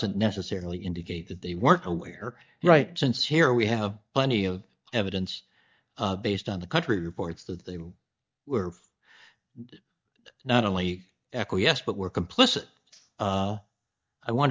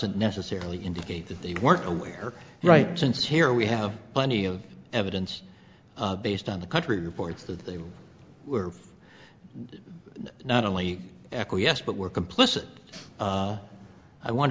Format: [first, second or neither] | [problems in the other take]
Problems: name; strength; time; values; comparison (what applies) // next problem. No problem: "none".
second | noise reduction (neural mask model DeepFilterNet 3)